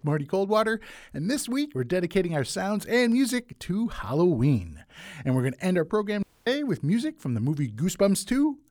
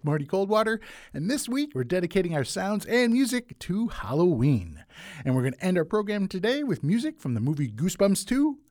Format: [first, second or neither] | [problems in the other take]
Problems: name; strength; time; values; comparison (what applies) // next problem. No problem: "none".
second | audio cutting out; at 6 s